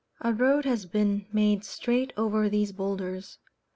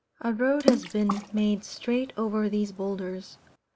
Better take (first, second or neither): first